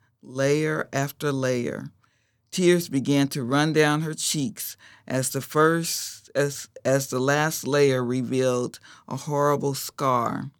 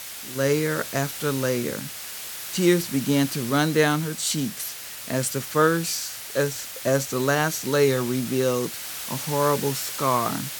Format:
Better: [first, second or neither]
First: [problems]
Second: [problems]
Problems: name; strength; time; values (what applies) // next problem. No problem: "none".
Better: first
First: none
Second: hiss; loud; throughout; 8 dB below the speech